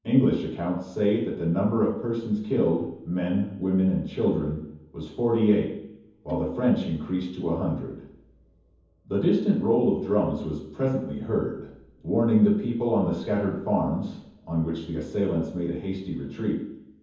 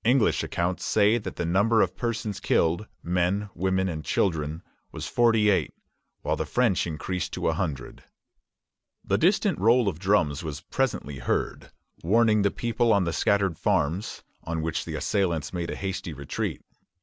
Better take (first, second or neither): second